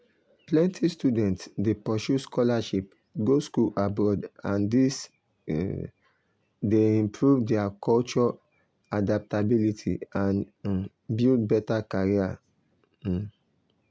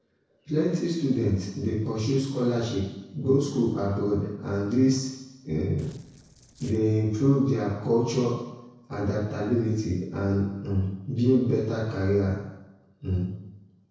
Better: first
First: none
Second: noise reduction (neural separator model SepFormer DNS4)

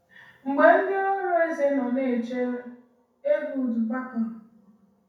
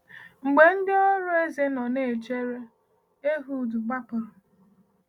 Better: second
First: room echo; dies away in 0.6 s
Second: none

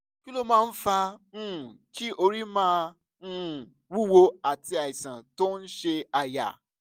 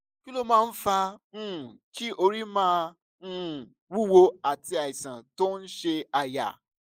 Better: first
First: none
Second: noise reduction (neural mask model Resemble Enhance denoiser)

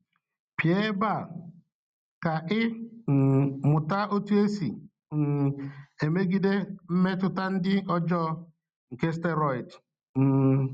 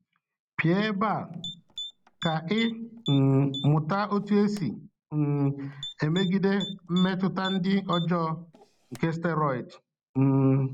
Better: first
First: none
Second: background sound (Typing); 16 dB below the speech

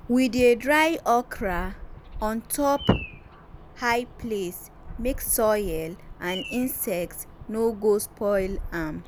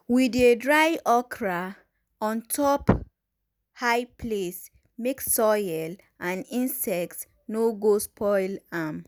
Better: second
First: background sound (Bird vocalization, bird call, bird song); 13 dB below the speech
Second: none

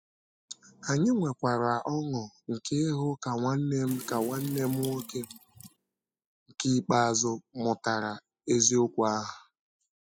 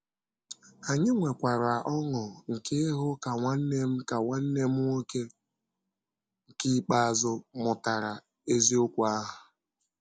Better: second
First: noise reduction (classical method spectral subtraction)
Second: none

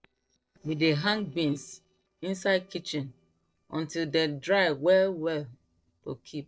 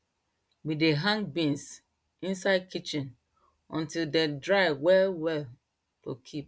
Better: second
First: noise reduction (neural separator model SepFormer DNS4)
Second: none

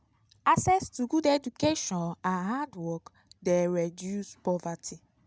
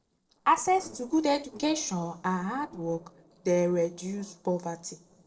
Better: first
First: none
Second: noise reduction (neural separator model SepFormer DNS4)

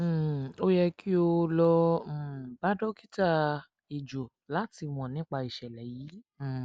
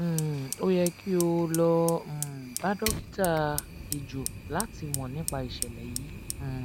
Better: first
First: none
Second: background sound (Fire); 8 dB below the speech

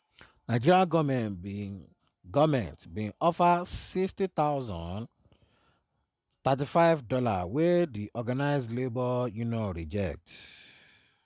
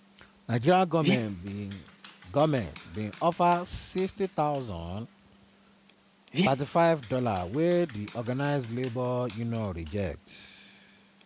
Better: first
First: none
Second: background sound (Dog); 11 dB below the speech

